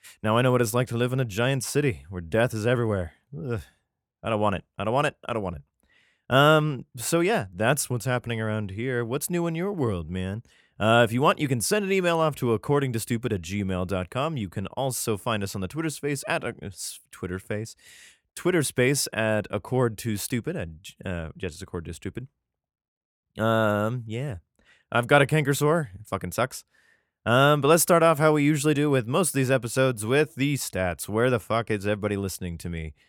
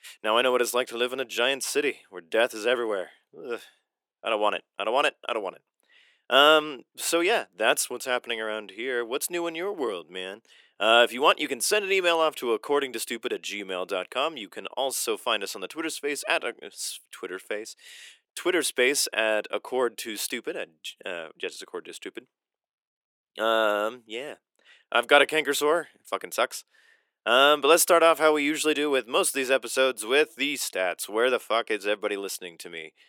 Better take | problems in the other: first | thin; somewhat; fading below 350 Hz

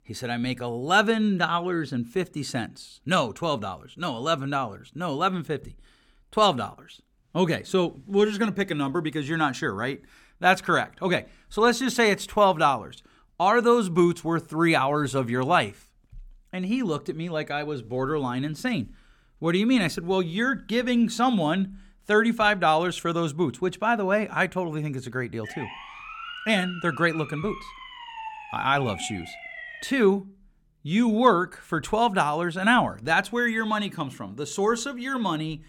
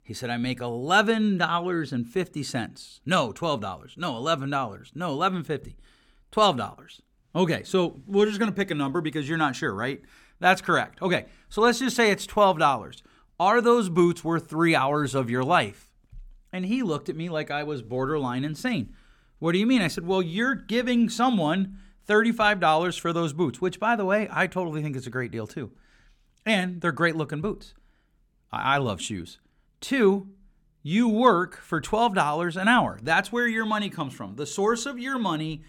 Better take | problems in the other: second | siren; faint; from 25 to 30 s; peak 10 dB below the speech

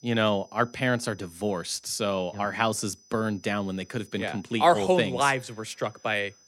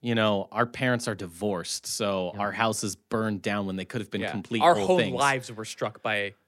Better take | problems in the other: second | high-pitched whine; faint; throughout; 6 kHz, 30 dB below the speech

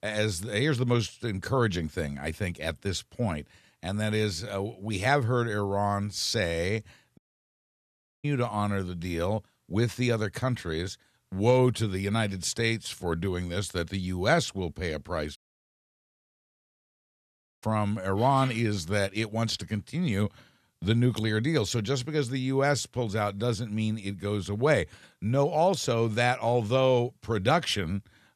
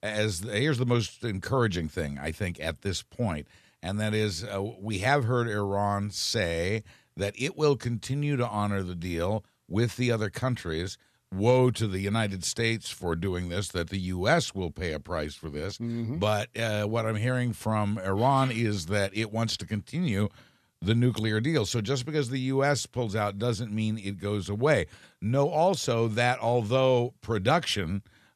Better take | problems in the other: second | audio cutting out; at 7 s for 1 s and at 15 s for 2.5 s

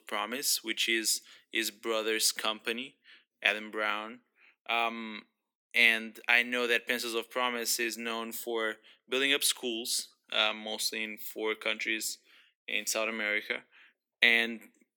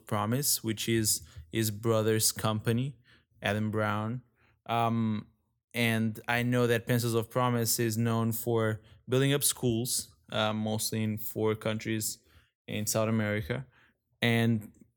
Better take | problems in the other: second | thin; somewhat; fading below 250 Hz

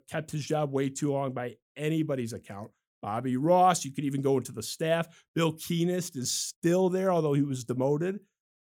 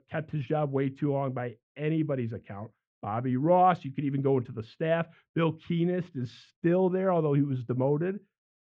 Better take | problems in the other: first | muffled; very; fading above 2.5 kHz

